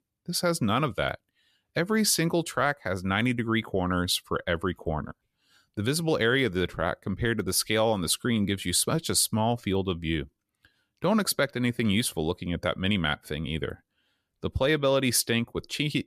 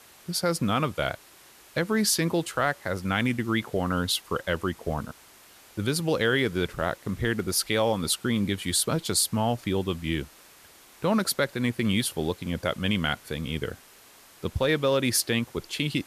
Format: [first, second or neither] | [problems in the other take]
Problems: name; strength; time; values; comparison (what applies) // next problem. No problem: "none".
first | hiss; faint; throughout; 25 dB below the speech